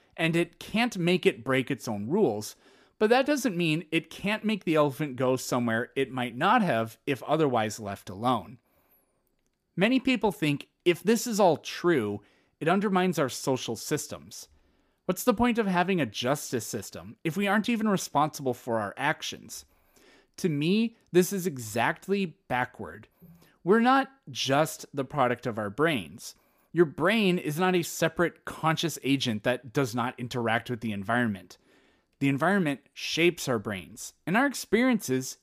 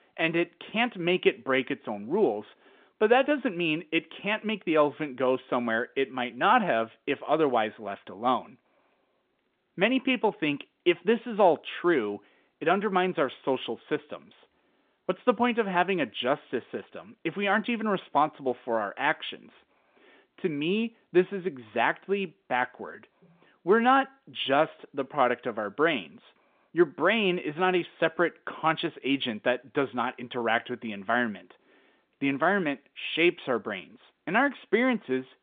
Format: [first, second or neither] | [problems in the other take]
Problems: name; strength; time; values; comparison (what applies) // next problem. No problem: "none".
first | phone-call audio